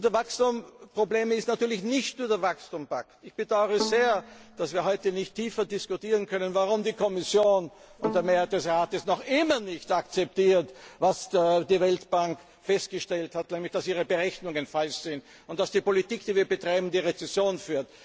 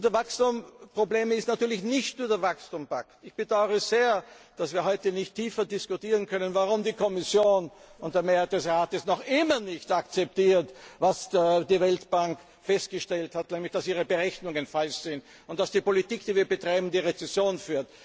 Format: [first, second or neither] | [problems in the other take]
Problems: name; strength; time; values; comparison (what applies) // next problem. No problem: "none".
second | background sound (Bowed string instrument); 12 dB below the speech